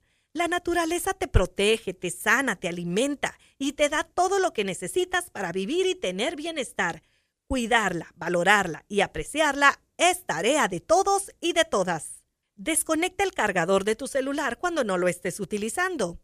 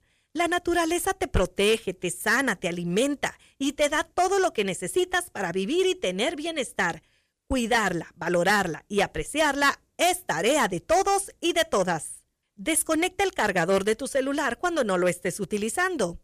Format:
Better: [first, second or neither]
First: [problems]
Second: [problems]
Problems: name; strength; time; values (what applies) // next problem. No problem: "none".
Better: first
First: none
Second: distortion; slight; 4% of the sound clipped